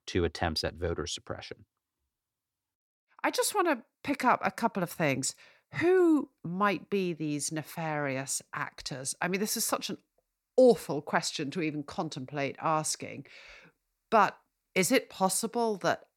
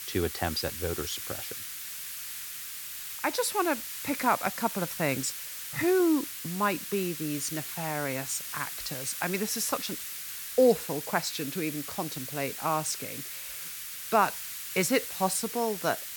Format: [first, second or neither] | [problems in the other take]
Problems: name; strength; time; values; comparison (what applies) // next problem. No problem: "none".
first | hiss; loud; throughout; 6 dB below the speech